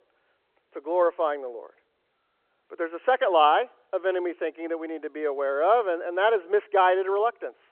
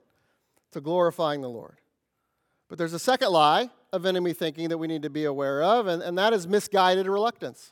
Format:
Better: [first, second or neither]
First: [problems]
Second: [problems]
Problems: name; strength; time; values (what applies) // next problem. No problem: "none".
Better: second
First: phone-call audio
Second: none